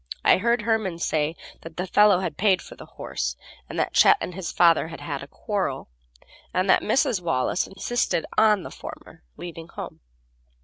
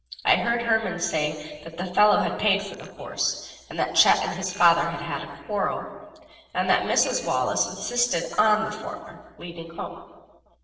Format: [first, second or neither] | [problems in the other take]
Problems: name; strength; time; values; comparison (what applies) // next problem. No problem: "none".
first | noise reduction (neural separator model SepFormer DNS4)